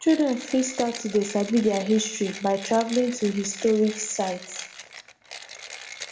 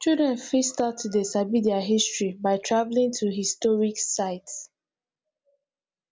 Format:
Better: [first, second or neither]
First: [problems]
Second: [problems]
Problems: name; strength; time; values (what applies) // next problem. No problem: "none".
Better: second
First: background sound (Mechanisms); 15 dB below the speech // room echo; dies away in 0.6 s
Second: none